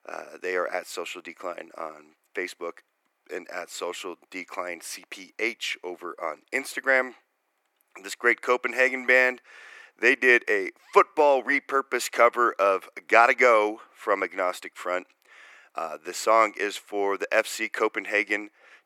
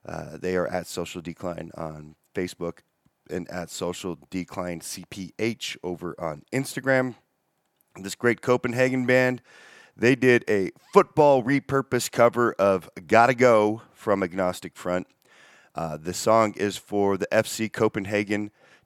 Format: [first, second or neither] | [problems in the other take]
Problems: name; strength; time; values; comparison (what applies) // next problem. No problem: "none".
second | thin; somewhat; fading below 350 Hz